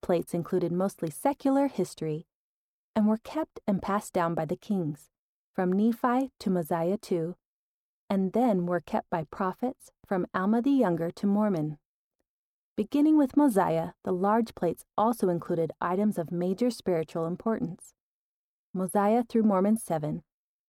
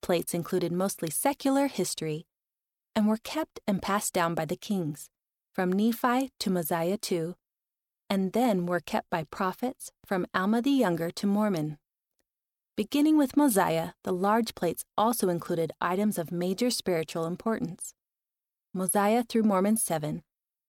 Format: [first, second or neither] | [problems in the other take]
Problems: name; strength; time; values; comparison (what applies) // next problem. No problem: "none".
second | muffled; slightly; fading above 2 kHz